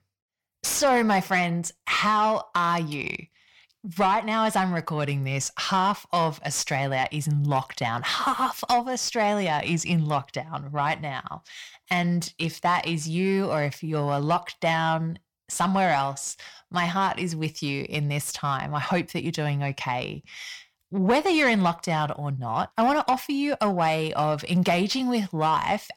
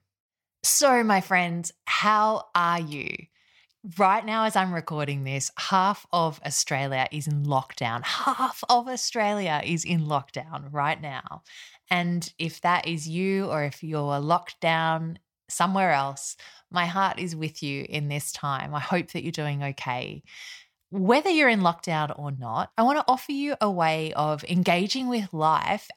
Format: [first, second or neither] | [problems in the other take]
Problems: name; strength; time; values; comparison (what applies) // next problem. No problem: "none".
second | distortion; slight; 10 dB below the speech